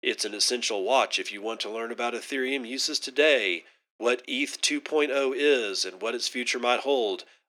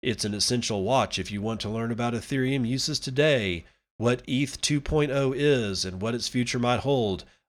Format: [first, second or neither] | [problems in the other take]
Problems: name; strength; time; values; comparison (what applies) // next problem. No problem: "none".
second | thin; somewhat; fading below 300 Hz